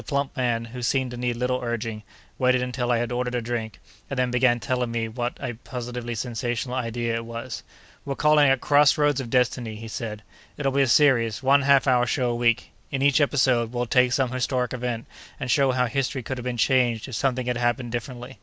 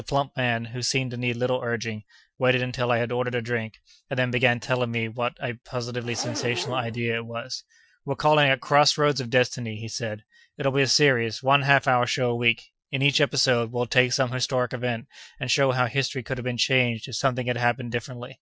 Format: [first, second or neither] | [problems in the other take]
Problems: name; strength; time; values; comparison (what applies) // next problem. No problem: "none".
first | noise reduction (classical method Wiener filter)